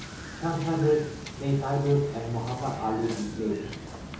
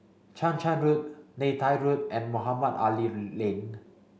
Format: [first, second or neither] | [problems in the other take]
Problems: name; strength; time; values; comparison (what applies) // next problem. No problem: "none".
second | background sound (Wind / Boat, Water vehicle); 11 dB below the speech // room echo; dies away in 0.7 s